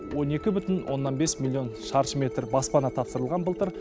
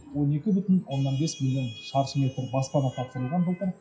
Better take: first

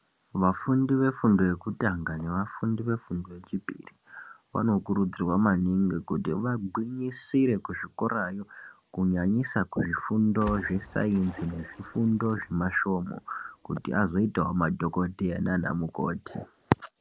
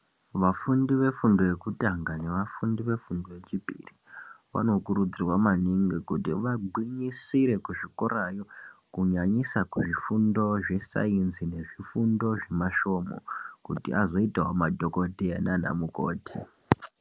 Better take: second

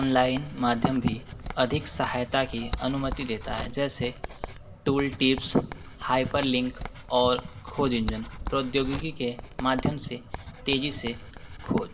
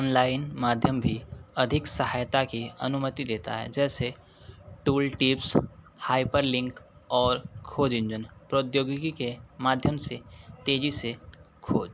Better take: second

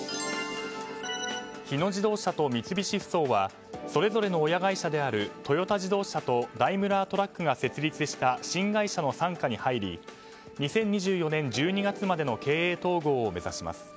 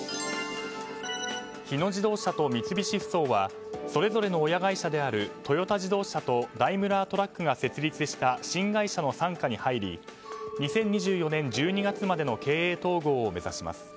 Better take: first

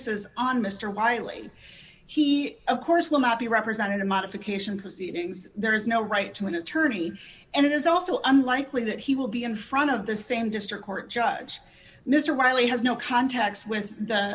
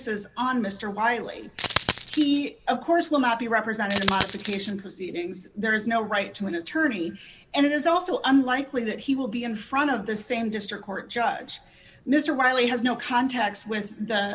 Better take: first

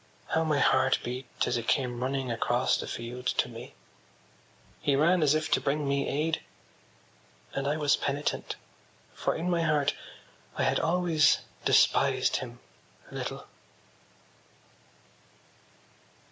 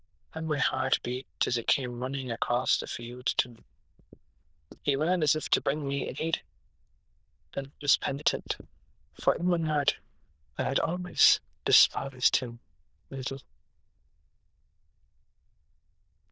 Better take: first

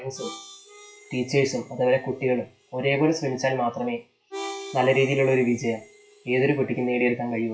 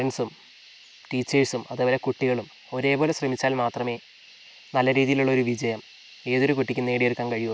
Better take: second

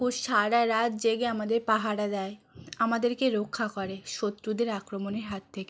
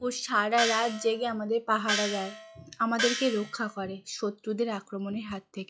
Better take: first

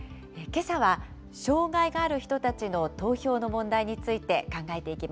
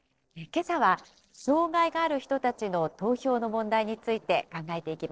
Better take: first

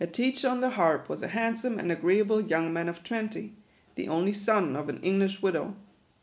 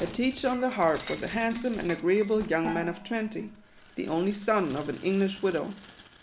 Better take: first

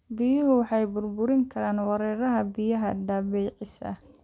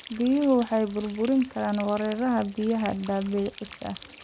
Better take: first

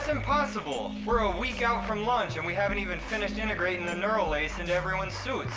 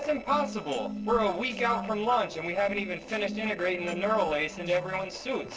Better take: first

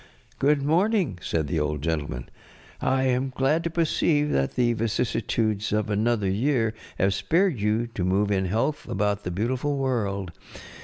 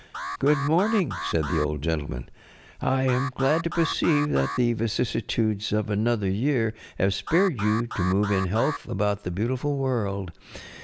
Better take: first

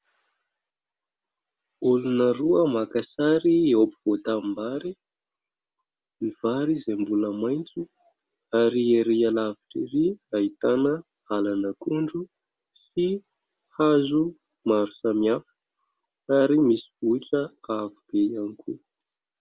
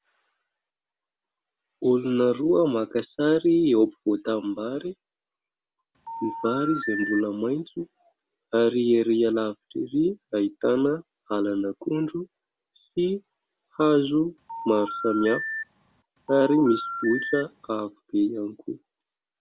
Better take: first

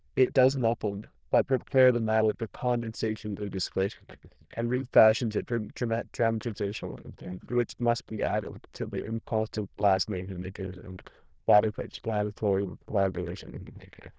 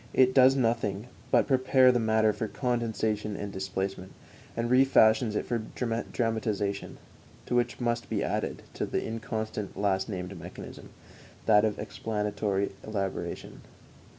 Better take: second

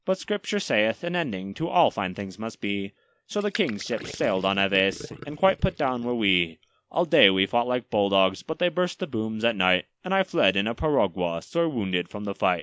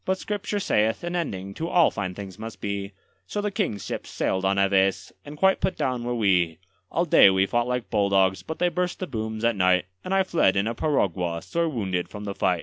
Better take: second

